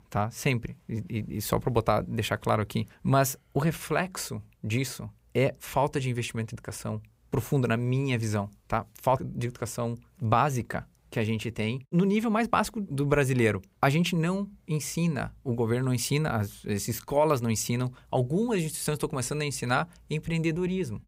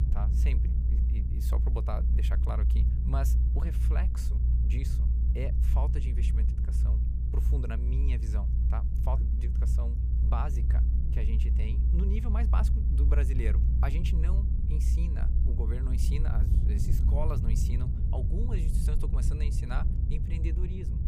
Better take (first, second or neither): first